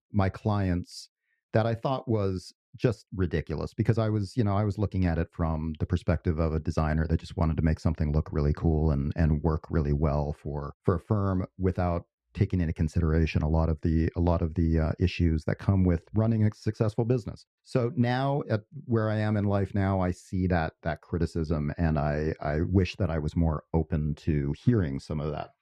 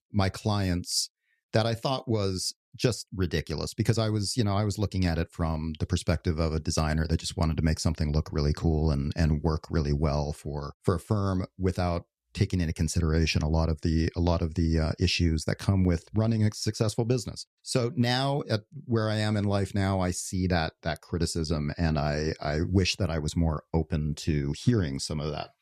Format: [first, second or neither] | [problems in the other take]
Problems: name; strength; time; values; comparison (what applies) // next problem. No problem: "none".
second | muffled; very; fading above 3.5 kHz